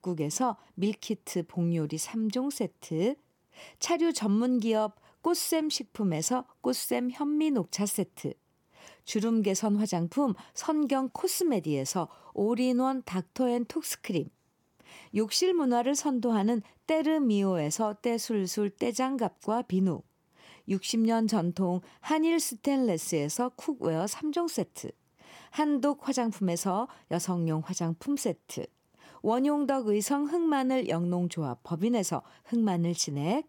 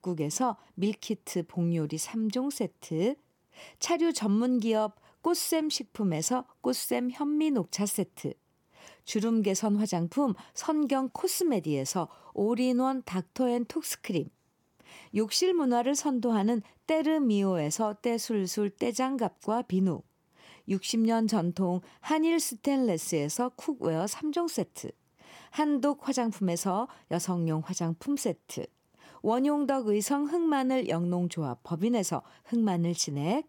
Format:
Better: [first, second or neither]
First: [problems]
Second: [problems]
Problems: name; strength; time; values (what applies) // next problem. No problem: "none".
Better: neither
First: none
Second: none